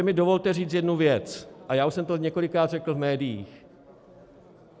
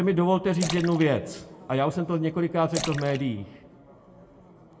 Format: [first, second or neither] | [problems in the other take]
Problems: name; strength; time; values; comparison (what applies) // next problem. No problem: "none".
first | background sound (Splash, splatter); 13 dB below the speech // room echo; dies away in 0.6 s